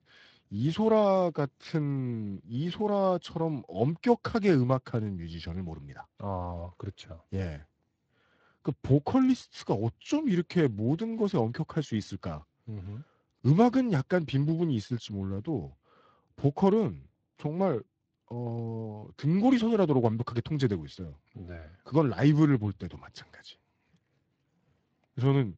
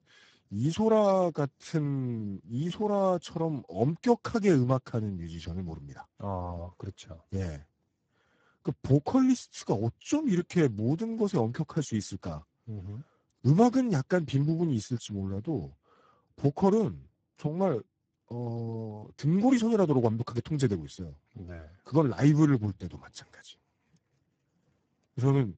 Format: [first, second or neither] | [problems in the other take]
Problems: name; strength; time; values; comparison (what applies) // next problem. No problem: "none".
first | garbled, watery; badly; nothing above 8 kHz; slightly in the first